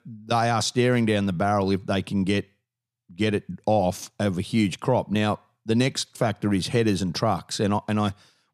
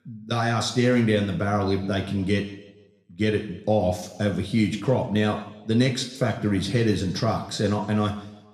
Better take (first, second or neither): first